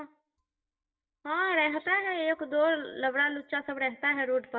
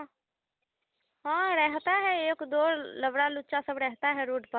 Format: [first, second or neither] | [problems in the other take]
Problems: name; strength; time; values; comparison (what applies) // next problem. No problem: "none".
second | noise reduction (neural mask model DeepFilterNet 3)